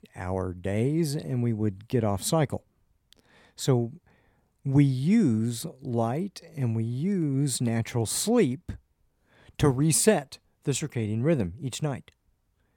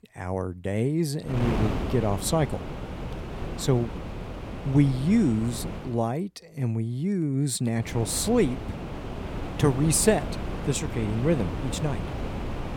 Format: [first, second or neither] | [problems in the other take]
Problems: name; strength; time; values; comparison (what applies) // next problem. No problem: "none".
first | wind noise on the microphone; heavy; from 1.5 to 6 s and from 8 s on; 8 dB below the speech